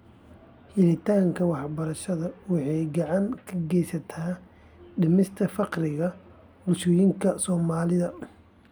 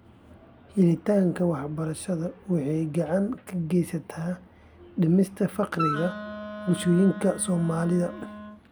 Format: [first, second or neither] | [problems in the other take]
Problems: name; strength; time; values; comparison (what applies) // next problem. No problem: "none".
first | background sound (Wind instrument, woodwind instrument); 10 dB below the speech